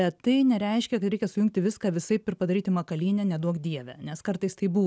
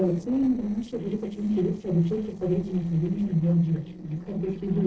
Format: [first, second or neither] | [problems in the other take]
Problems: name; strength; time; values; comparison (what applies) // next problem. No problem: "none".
first | noise reduction (neural separator model SepFormer DNS4)